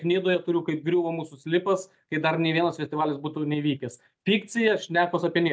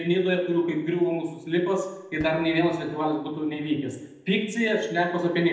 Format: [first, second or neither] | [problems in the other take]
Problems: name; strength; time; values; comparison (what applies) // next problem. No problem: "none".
first | noise reduction (neural separator model SepFormer DNS4)